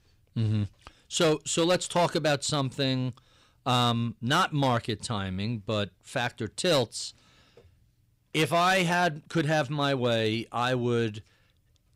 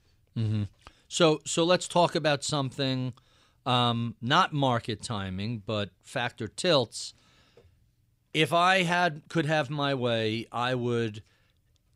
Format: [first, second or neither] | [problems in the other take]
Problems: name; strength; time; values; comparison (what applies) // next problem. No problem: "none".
second | distortion; slight; 4% of the sound clipped